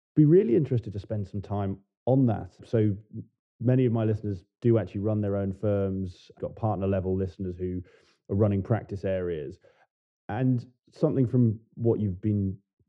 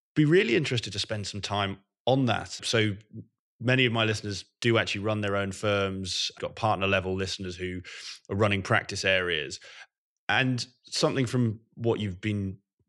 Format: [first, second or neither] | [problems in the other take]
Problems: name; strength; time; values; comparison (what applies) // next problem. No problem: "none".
second | muffled; very; fading above 1 kHz